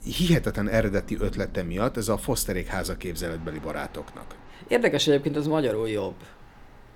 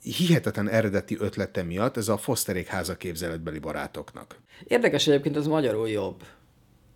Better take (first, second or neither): second